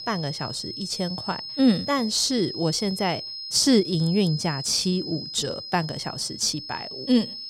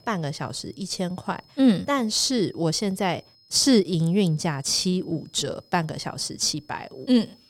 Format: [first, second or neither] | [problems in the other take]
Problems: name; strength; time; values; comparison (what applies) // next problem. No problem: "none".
second | high-pitched whine; loud; throughout; 5 kHz, 8 dB below the speech; faint in the second